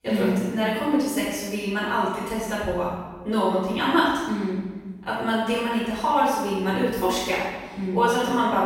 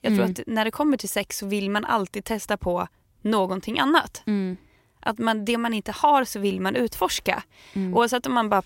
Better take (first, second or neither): second